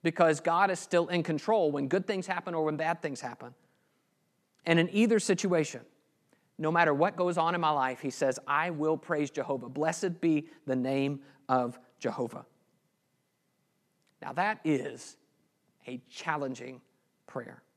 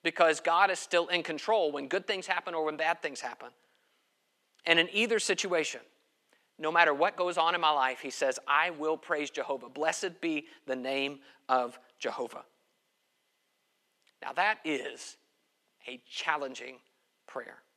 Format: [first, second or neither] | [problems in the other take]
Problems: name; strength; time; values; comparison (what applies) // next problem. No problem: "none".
first | thin; somewhat; fading below 400 Hz